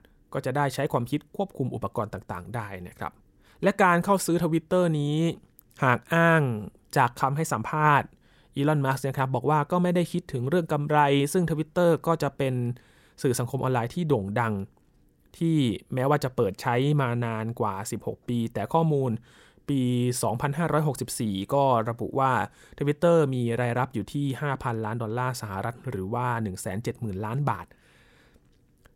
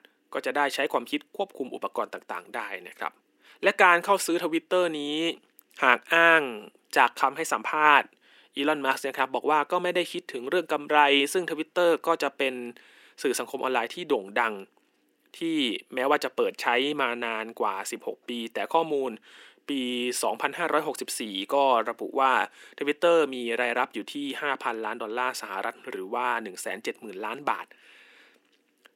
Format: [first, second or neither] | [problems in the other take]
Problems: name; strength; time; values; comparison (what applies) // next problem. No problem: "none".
first | thin; somewhat; fading below 250 Hz